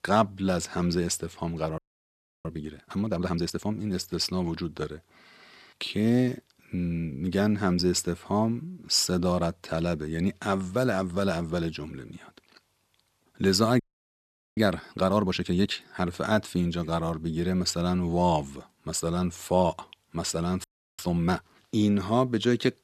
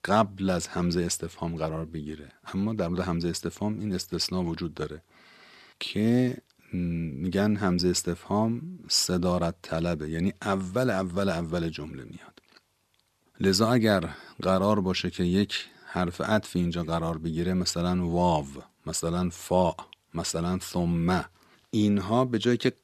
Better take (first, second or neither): second